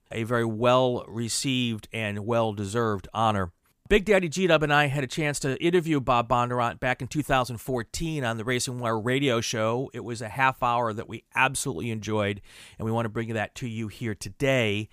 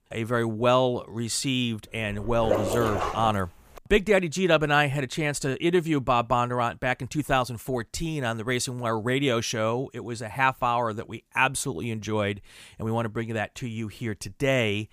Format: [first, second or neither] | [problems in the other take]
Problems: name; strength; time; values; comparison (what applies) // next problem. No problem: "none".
first | dog barking; loud; from 2 to 3.5 s; peak level with the speech